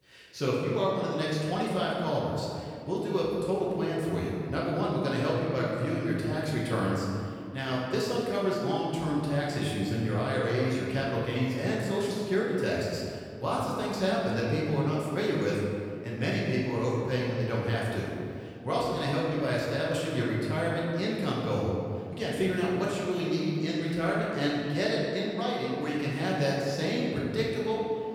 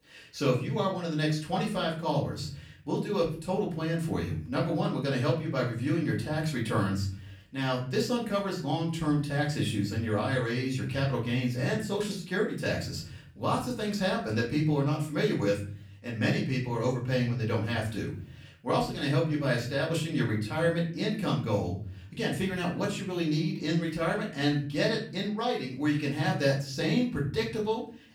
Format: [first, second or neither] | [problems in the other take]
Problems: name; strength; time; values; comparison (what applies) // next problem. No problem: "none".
second | room echo; strong; dies away in 2.2 s; slight in the second // off-mic speech; far; far in the second